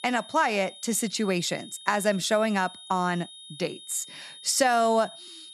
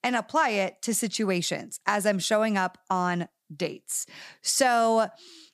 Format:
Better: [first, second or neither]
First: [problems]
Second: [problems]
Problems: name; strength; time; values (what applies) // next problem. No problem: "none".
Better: second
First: high-pitched whine; noticeable; throughout; 3.5 kHz, 15 dB below the speech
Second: none